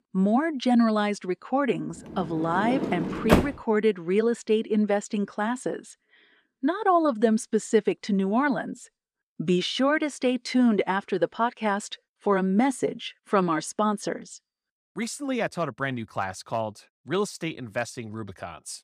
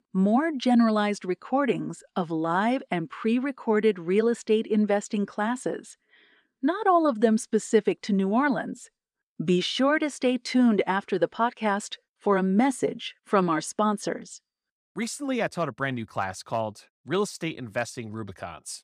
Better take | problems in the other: second | door banging; loud; at 2.5 s; peak 3 dB above the speech

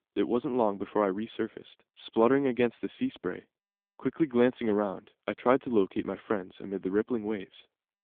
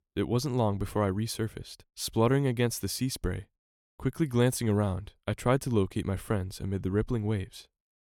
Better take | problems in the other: second | phone-call audio; poor line; nothing above 3.5 kHz

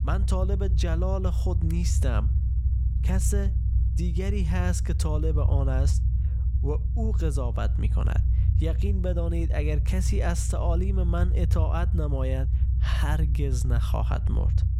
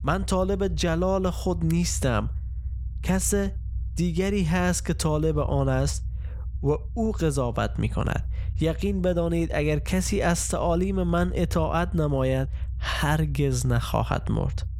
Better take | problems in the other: second | low rumble; loud; throughout; 8 dB below the speech; faint in the second

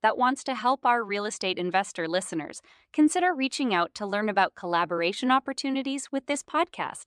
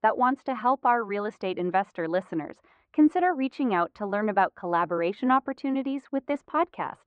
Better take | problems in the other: first | muffled; very; fading above 1.5 kHz

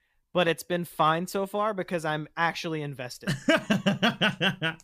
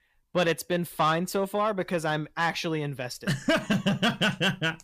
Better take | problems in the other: first | distortion; slight; 10 dB below the speech

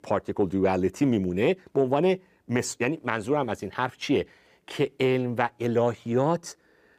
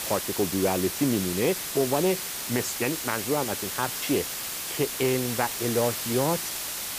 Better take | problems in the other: first | hiss; loud; throughout; 2 dB below the speech

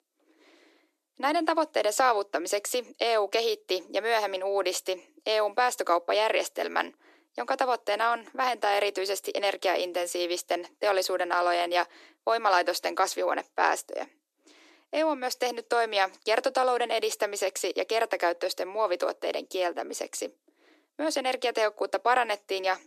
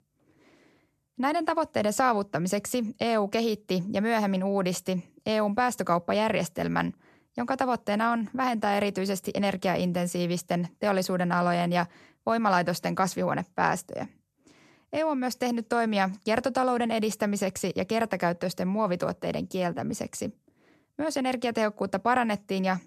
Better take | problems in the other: second | thin; very; fading below 300 Hz

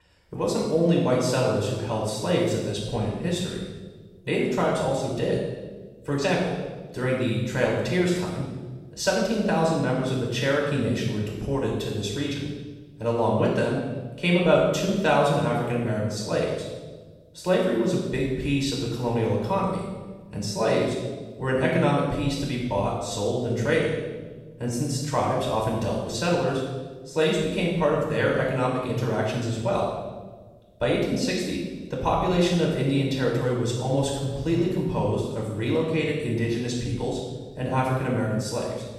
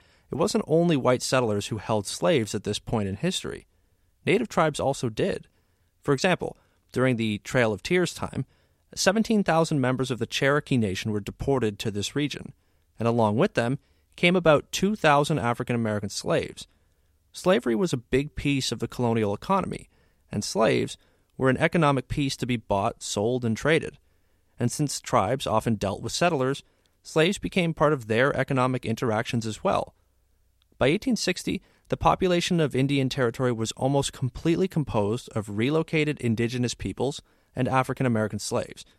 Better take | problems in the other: second | room echo; strong; dies away in 1.1 s // off-mic speech; far

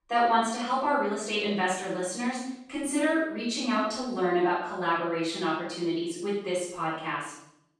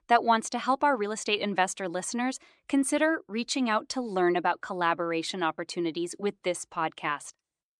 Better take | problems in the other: second | off-mic speech; far // room echo; strong; dies away in 0.7 s

